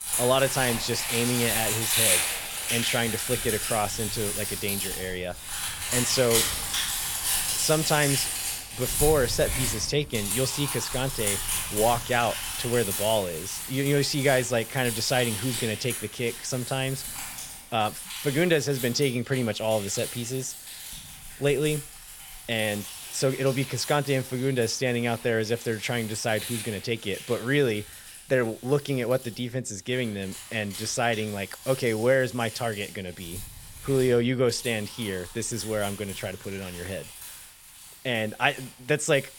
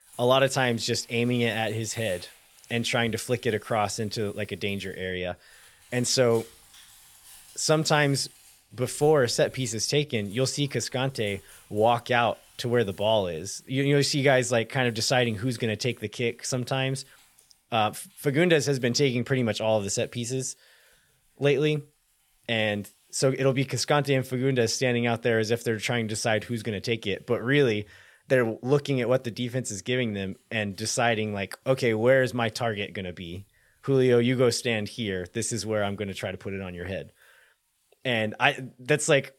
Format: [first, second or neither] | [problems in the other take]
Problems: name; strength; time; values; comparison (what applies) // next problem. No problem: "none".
second | household noises; loud; throughout; 3 dB below the speech; faint in the second